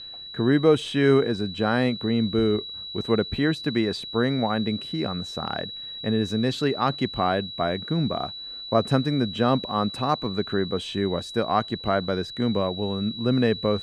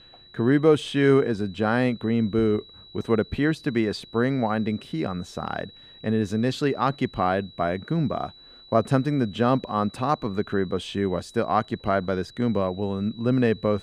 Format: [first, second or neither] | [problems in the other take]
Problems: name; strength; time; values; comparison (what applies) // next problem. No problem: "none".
second | high-pitched whine; loud; throughout; 4 kHz, 9 dB below the speech; faint in the second